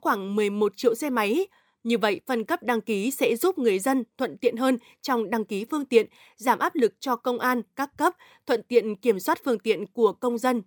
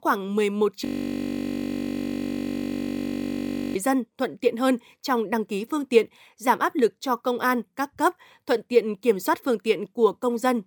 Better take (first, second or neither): first